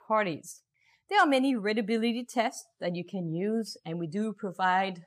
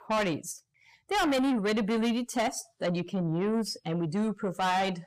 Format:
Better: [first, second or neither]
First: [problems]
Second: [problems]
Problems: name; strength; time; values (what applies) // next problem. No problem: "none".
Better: first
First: none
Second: distortion; heavy; 7 dB below the speech